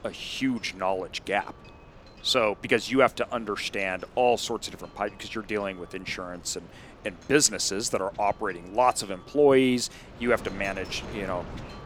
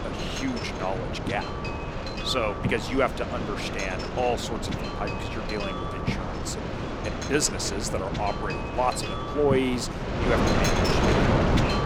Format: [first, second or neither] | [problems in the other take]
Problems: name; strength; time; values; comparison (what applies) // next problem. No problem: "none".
first | wind noise on the microphone; heavy; 1 dB below the speech; occasional gusts in the first